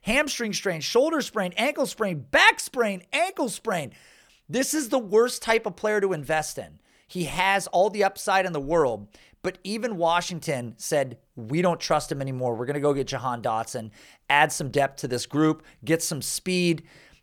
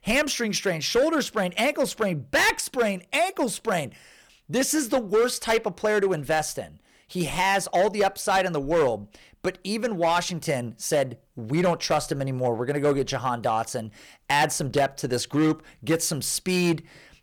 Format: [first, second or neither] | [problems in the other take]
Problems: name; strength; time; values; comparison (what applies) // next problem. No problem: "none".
first | distortion; slight; 6% of the sound clipped